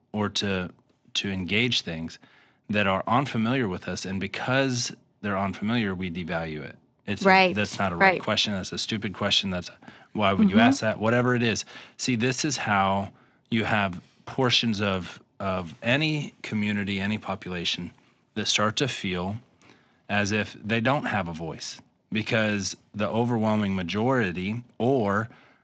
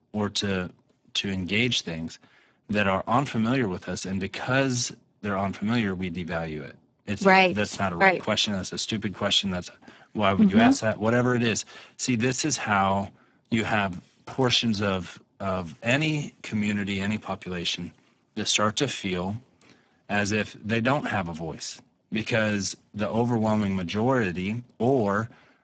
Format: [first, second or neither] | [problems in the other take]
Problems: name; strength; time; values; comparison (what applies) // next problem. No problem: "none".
first | garbled, watery; badly; nothing above 7.5 kHz; slightly in the first